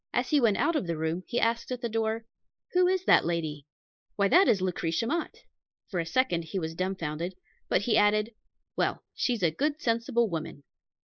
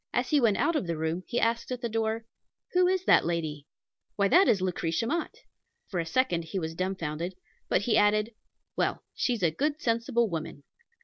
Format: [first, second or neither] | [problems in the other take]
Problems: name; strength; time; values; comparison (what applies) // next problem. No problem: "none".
second | noise reduction (neural mask model Resemble Enhance denoiser)